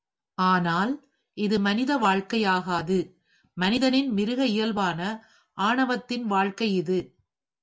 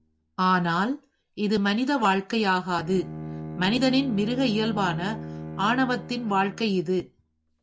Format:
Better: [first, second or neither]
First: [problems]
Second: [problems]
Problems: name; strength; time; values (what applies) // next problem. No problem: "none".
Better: first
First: none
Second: background sound (Bowed string instrument); 13 dB below the speech